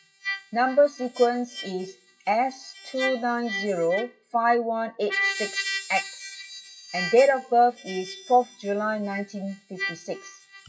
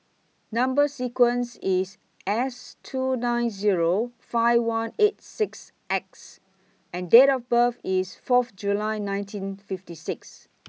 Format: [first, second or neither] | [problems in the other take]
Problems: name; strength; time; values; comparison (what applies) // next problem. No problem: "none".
second | noise reduction (classical method WPE with log-MMSE)